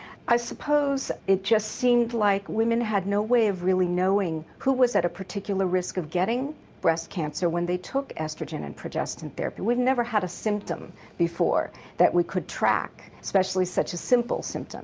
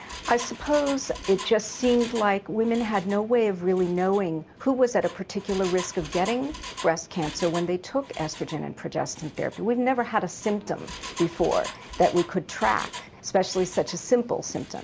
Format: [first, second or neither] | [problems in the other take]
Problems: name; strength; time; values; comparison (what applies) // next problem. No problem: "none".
first | background sound (Engine); 15 dB below the speech